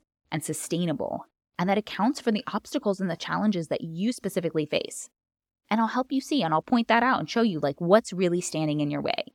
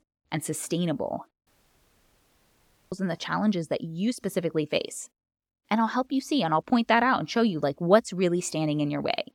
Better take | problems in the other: first | audio cutting out; at 1.5 s for 1.5 s

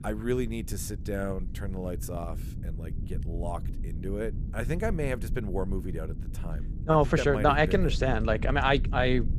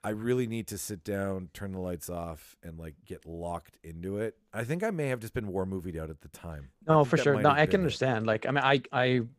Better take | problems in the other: second | low rumble; faint; throughout; 20 dB below the speech

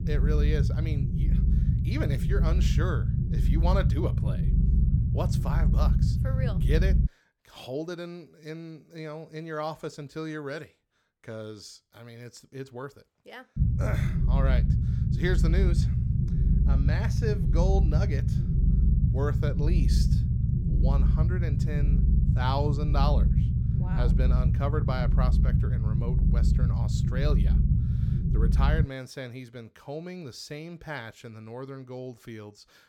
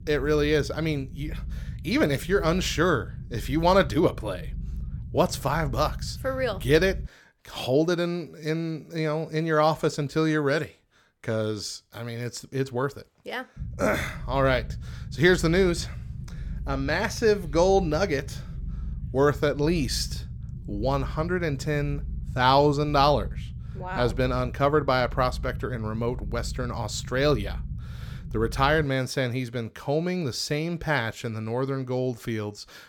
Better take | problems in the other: second | low rumble; loud; until 7 s and from 14 to 29 s; 3 dB below the speech; faint in the second

